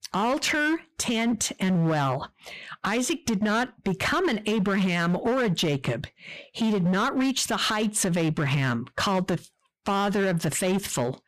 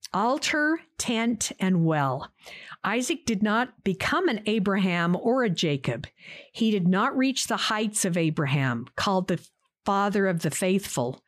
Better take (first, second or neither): second